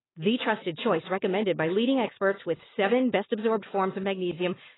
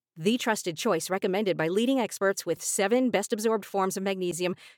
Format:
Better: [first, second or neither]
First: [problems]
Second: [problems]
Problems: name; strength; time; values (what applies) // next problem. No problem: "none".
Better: second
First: garbled, watery; badly; nothing above 3.5 kHz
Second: none